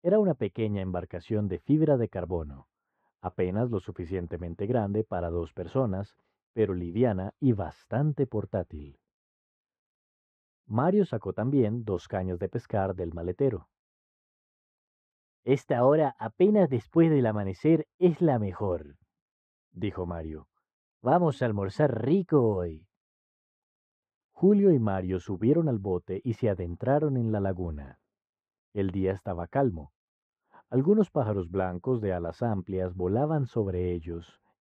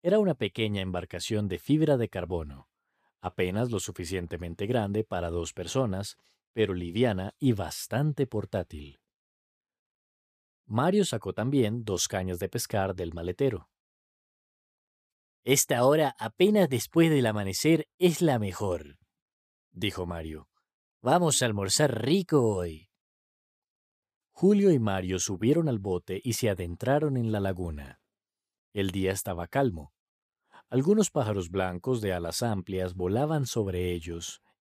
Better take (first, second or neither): second